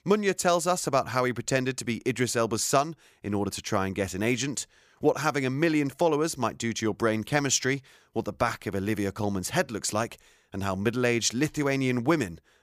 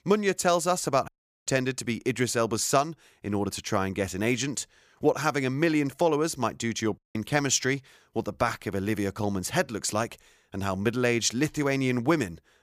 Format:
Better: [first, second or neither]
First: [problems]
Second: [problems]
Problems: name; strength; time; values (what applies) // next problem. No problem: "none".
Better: first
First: none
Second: audio cutting out; at 1 s and at 7 s